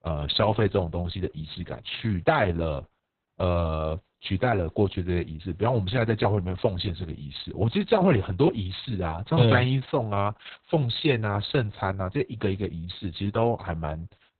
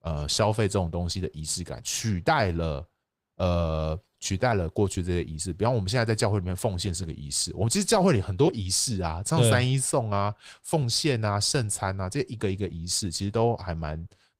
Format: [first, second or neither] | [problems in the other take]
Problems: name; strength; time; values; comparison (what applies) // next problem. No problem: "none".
second | garbled, watery; badly; nothing above 4 kHz; slightly in the second